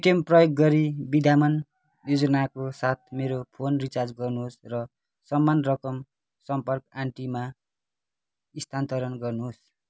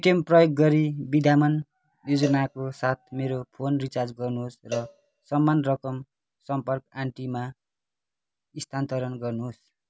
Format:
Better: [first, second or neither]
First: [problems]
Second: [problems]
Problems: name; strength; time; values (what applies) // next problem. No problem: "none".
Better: first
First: none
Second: background sound (Cowbell); 16 dB below the speech